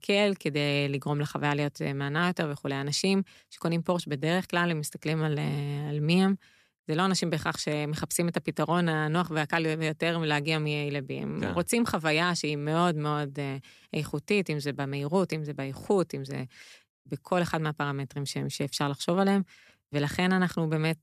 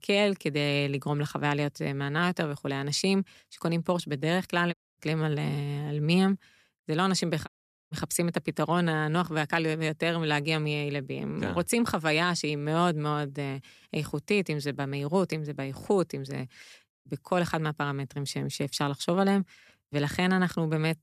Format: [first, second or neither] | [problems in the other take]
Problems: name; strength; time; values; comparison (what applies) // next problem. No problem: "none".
first | audio cutting out; at 4.5 s and at 7.5 s